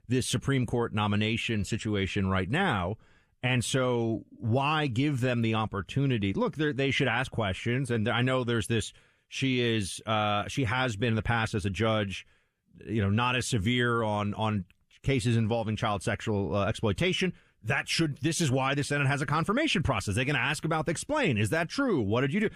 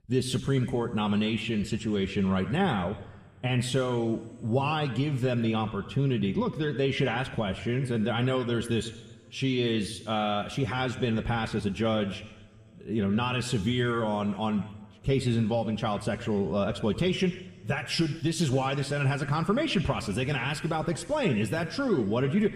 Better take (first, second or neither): first